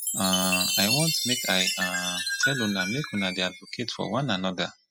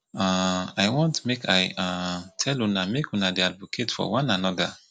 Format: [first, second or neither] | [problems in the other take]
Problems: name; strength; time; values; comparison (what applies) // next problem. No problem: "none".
second | noise reduction (classical method spectral subtraction)